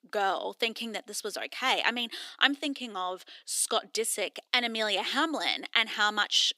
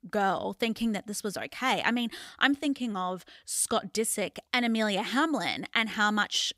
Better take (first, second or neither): second